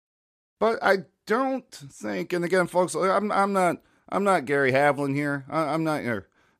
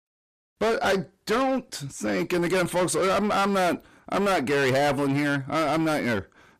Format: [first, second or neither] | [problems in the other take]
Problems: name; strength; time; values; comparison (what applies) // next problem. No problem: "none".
first | distortion; heavy; 6 dB below the speech